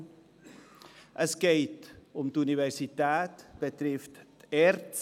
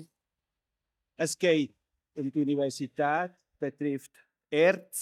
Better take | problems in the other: first | noise reduction (neural mask model DeepFilterNet 3)

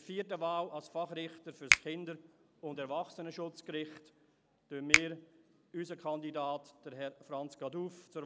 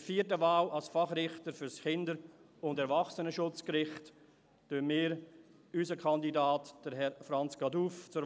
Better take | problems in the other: second | background sound (Finger snapping); 5 dB above the speech

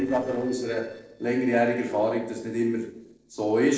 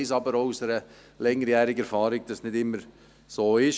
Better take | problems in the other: second | noise reduction (neural separator model SepFormer DNS4)

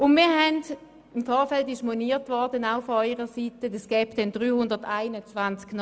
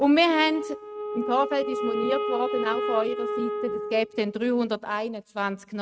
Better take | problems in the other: first | noise reduction (neural mask model RNNoise)

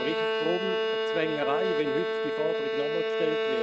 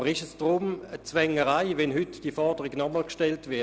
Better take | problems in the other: second | noise reduction (neural mask model RNNoise)

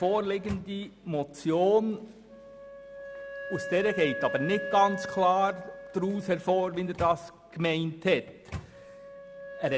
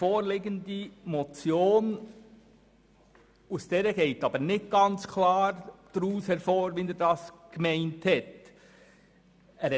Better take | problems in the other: second | background sound (Microwave oven + Wind instrument, woodwind instrument); 12 dB below the speech

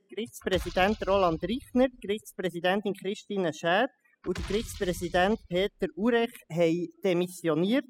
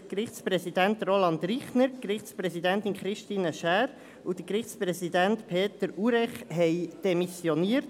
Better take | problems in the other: second | noise reduction (classical method spectral subtraction)

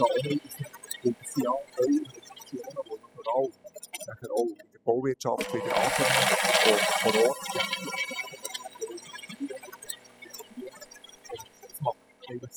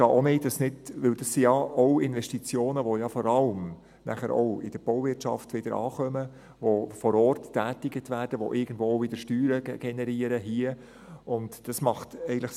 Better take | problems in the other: second | noise reduction (classical method spectral subtraction)

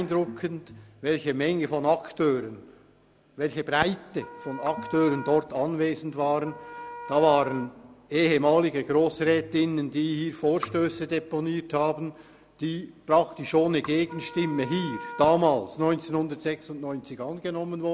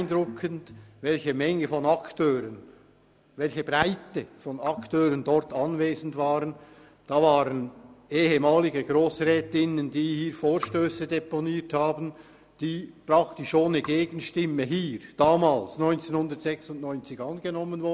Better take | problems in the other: second | background sound (Wind instrument, woodwind instrument); 14 dB below the speech

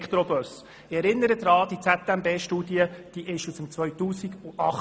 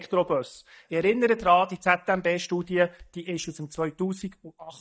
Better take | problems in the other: first | noise reduction (neural mask model DeepFilterNet 3)

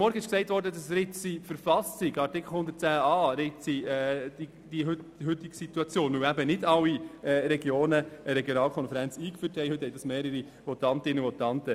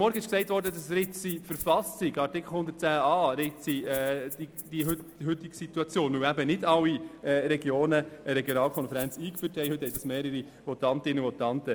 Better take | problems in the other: first | background sound (Rattle (instrument)); 14 dB below the speech

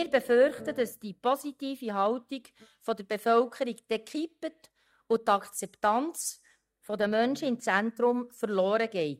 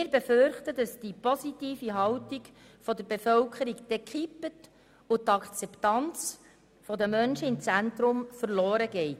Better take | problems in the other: second | noise reduction (neural mask model DeepFilterNet 3)

